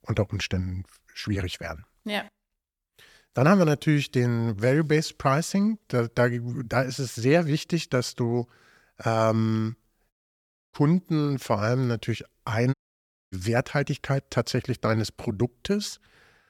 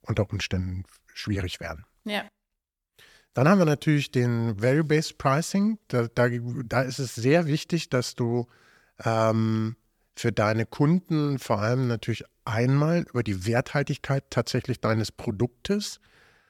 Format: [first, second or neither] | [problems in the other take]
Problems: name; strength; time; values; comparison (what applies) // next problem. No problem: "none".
second | audio cutting out; at 10 s for 0.5 s and at 13 s for 0.5 s